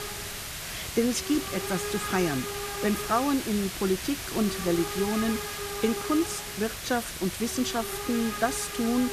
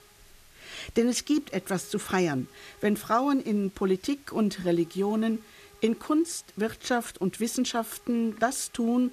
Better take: second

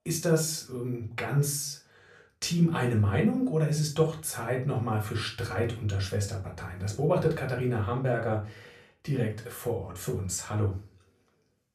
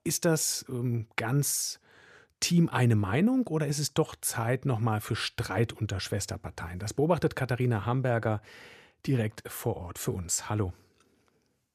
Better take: second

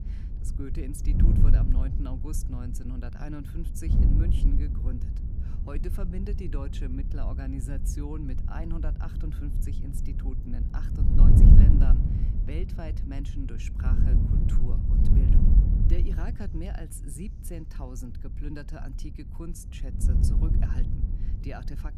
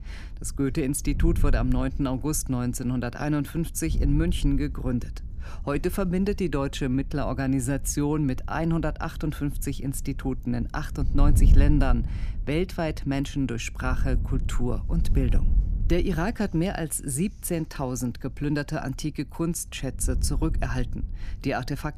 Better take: second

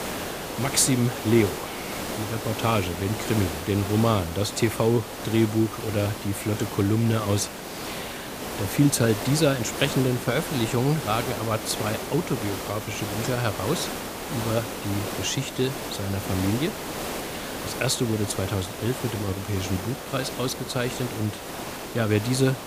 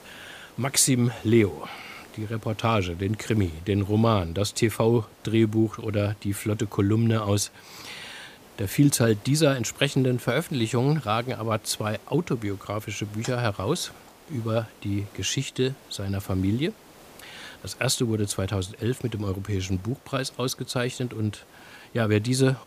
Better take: second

